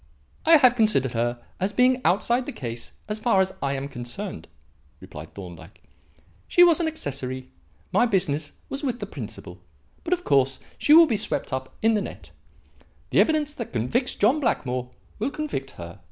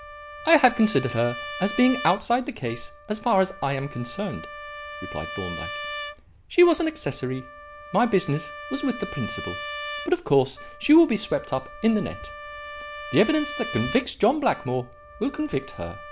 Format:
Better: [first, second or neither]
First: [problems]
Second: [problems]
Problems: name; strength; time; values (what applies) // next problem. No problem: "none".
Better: first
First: none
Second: background sound (Trumpet); 12 dB below the speech